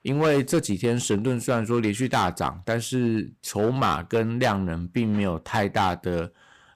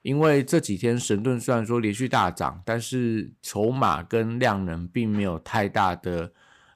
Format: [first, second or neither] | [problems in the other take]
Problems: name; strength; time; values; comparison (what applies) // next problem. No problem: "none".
second | distortion; slight; 9% of the sound clipped